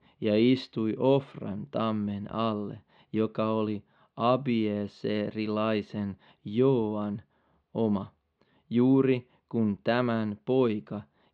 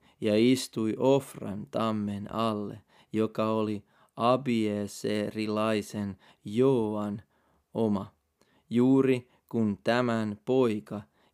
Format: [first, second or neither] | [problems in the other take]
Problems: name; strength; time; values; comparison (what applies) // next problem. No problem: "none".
second | muffled; very slightly; fading above 3.5 kHz